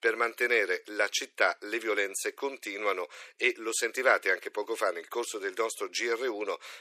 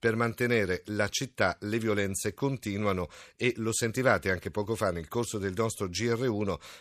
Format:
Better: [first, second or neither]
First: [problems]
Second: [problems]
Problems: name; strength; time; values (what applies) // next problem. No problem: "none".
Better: second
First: thin; very; fading below 350 Hz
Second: none